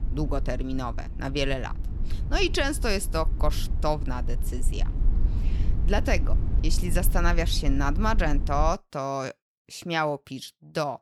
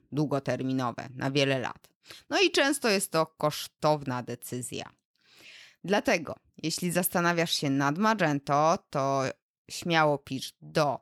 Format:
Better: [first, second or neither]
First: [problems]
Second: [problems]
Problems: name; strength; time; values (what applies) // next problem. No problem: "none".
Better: second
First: low rumble; noticeable; until 8.5 s; 15 dB below the speech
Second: none